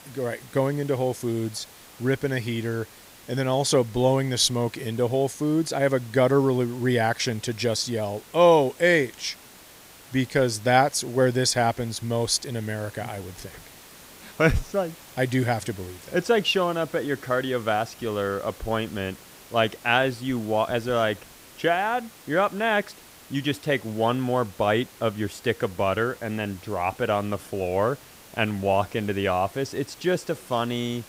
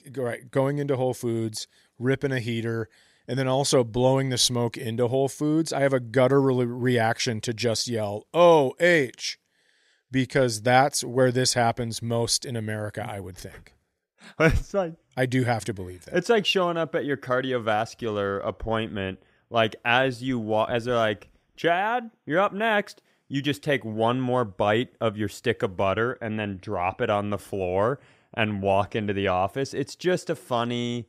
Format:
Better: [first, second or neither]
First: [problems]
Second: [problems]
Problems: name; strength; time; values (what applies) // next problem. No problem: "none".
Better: second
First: hiss; faint; throughout; 20 dB below the speech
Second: none